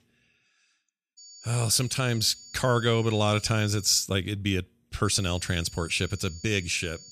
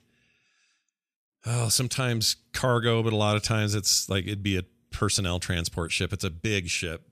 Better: second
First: high-pitched whine; noticeable; from 1 to 4 s and from 5 s on; 7 kHz, 20 dB below the speech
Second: none

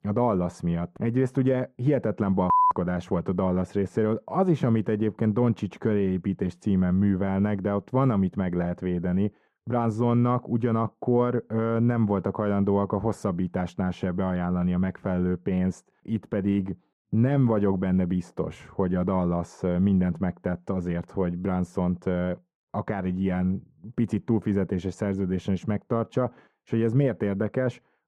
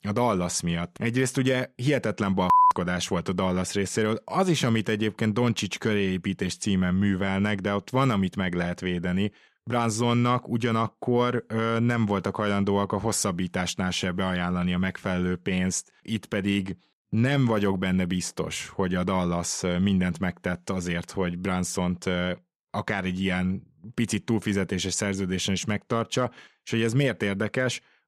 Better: second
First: muffled; very; fading above 2 kHz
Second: none

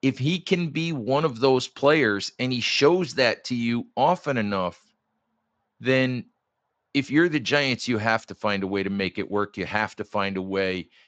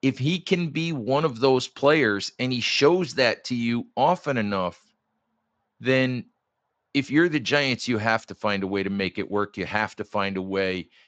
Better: neither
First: garbled, watery; slightly; nothing above 7.5 kHz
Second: garbled, watery; slightly; nothing above 7.5 kHz

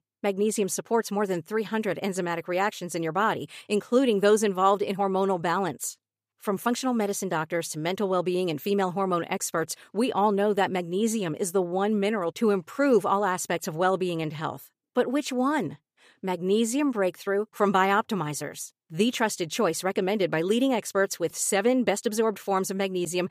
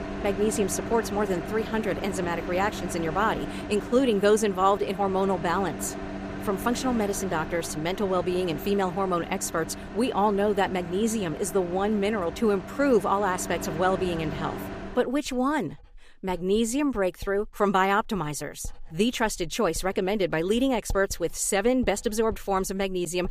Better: first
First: none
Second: household noises; noticeable; throughout; 10 dB below the speech

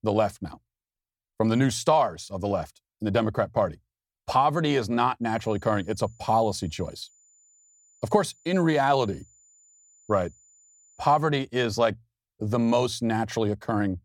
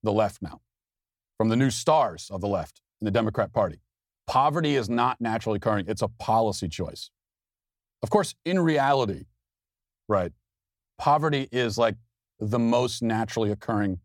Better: second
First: high-pitched whine; faint; from 5.5 to 11 s; 7 kHz, 30 dB below the speech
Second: none

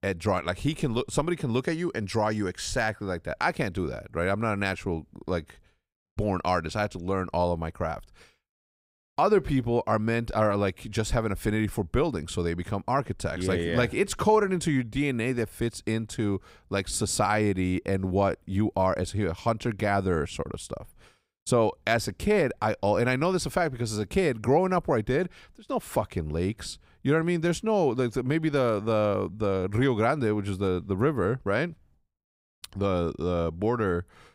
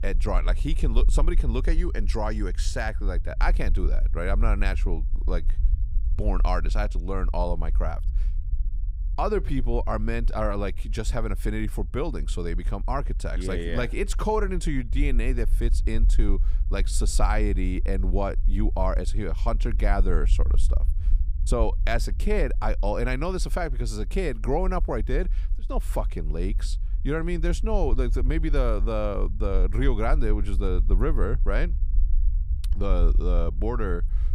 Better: first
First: none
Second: low rumble; faint; throughout; 20 dB below the speech

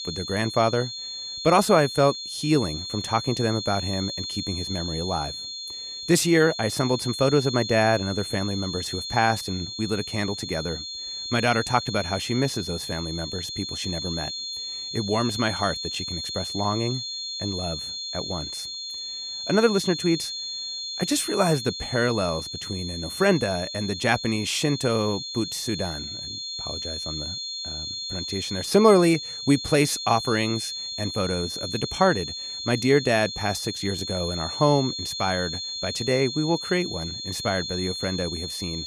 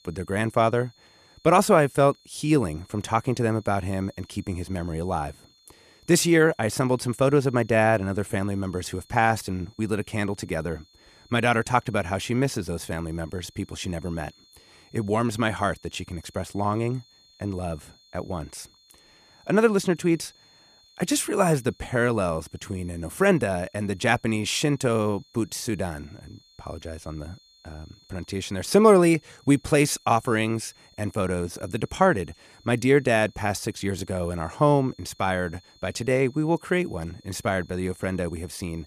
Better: second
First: high-pitched whine; loud; throughout; 4 kHz, 6 dB below the speech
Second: high-pitched whine; faint; throughout; 4 kHz, 30 dB below the speech

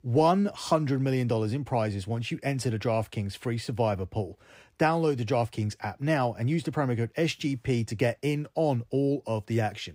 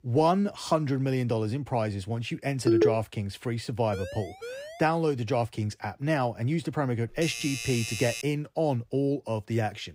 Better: first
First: none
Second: phone ringing; loud; at 2.5 s; peak 5 dB above the speech // siren; faint; at 4 s; peak 10 dB below the speech // doorbell; noticeable; from 7 to 8 s; peak 4 dB below the speech

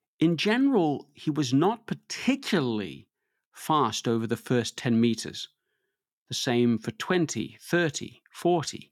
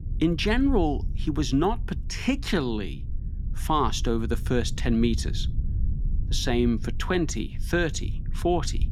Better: first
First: none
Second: low rumble; faint; throughout; 20 dB below the speech

